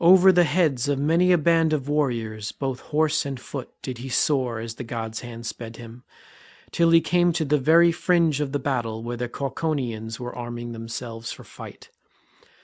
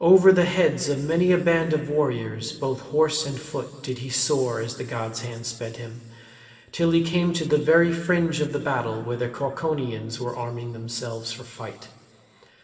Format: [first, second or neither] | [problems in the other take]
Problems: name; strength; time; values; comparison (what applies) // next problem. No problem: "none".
first | room echo; dies away in 2.6 s